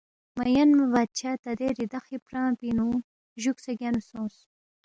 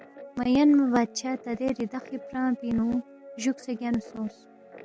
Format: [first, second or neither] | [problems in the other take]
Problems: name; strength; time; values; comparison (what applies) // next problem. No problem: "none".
first | background sound (Guitar); 20 dB below the speech